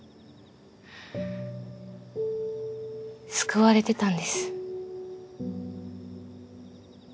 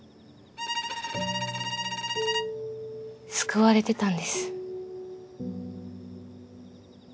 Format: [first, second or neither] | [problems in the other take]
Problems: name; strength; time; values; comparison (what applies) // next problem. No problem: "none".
first | background sound (Bowed string instrument); 3 dB below the speech